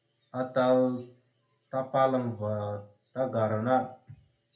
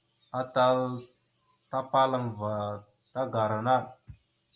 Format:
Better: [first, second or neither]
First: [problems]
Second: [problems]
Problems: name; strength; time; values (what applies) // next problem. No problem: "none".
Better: second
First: room echo; dies away in 0.3 s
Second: none